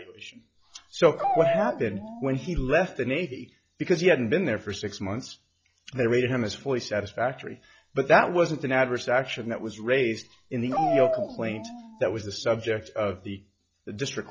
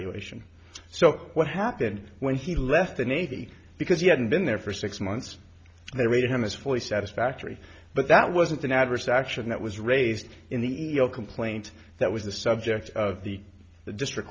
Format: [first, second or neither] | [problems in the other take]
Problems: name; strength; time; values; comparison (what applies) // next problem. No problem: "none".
second | noise reduction (classical method log-MMSE)